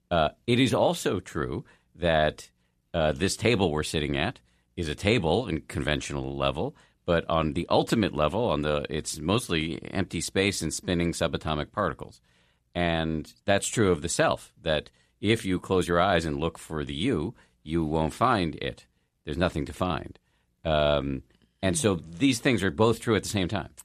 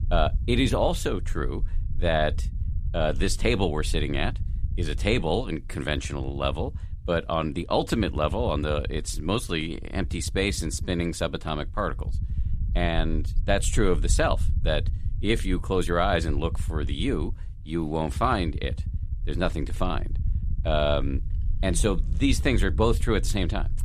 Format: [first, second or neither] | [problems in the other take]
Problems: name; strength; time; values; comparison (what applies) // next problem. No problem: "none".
first | low rumble; faint; throughout; 20 dB below the speech